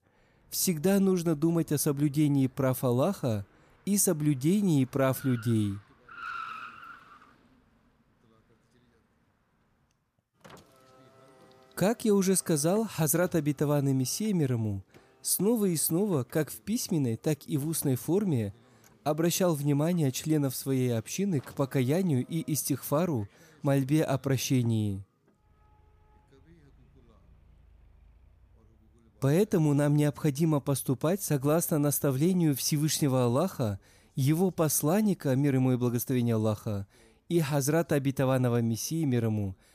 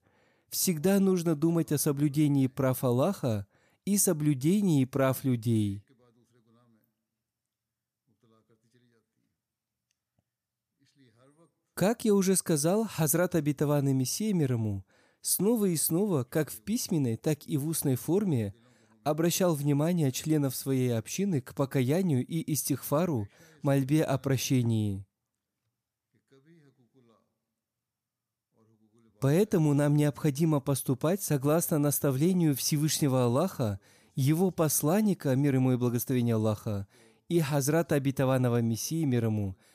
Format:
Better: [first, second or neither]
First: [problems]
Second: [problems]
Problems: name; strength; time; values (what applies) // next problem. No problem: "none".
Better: second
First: traffic noise; faint; throughout; 25 dB below the speech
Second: none